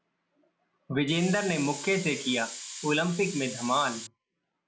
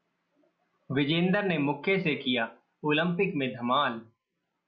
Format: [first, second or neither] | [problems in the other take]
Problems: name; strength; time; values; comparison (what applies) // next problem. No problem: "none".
second | background sound (Hiss); 10 dB below the speech